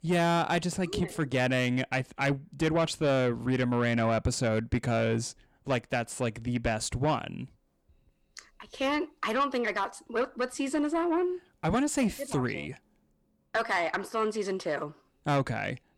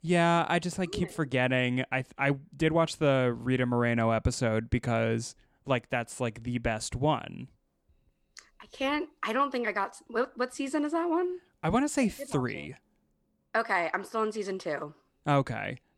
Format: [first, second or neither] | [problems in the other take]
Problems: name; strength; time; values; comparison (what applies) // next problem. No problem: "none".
second | distortion; slight; 10 dB below the speech